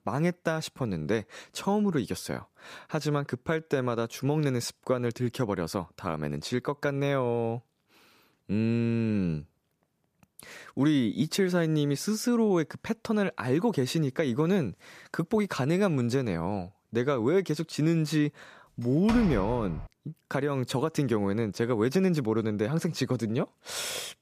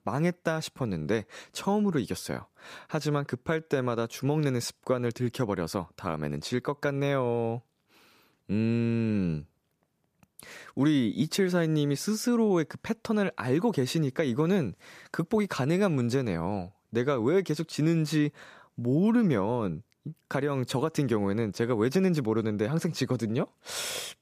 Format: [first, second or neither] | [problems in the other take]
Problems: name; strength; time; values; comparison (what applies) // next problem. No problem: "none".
second | door banging; noticeable; at 19 s; peak 7 dB below the speech